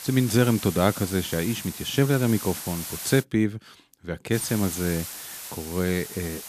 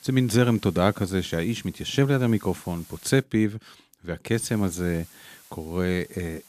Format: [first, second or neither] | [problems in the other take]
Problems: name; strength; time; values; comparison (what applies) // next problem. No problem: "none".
second | hiss; loud; until 3 s and from 4.5 s on; 9 dB below the speech; faint in the second